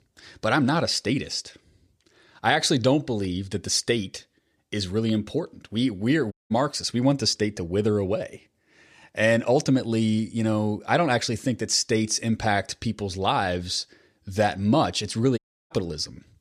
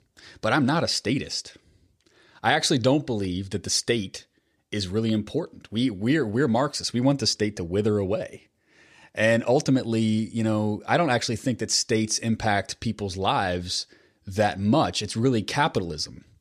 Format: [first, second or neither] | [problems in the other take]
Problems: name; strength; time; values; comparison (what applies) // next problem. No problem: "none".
second | audio cutting out; at 6.5 s and at 15 s